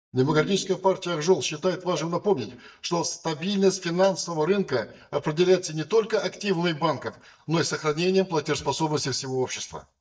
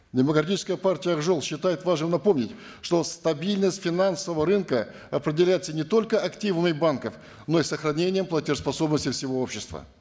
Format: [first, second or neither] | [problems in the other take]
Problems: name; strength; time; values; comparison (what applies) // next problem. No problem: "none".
second | noise reduction (neural mask model DeepFilterNet 3)